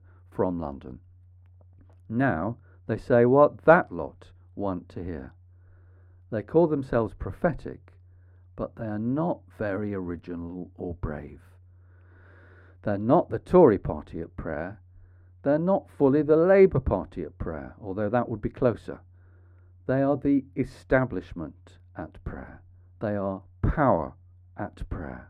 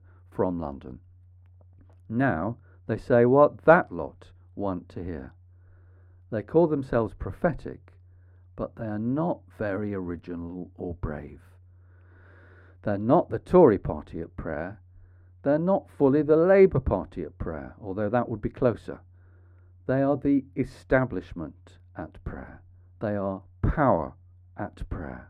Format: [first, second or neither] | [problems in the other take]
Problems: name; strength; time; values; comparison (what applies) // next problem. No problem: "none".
neither | muffled; very; fading above 2 kHz; the same in both